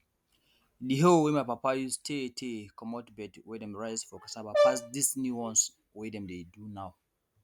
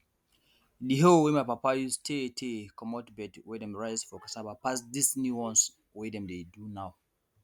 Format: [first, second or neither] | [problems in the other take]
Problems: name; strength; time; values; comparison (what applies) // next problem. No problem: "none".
second | background sound (Brass instrument); 2 dB above the speech